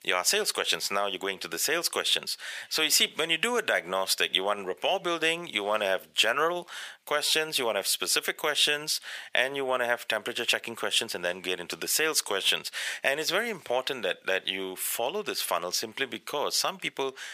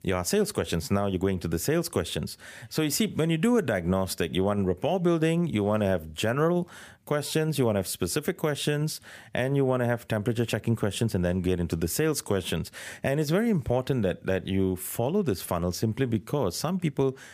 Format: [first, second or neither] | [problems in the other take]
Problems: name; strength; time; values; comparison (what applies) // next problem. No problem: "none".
second | thin; very; fading below 650 Hz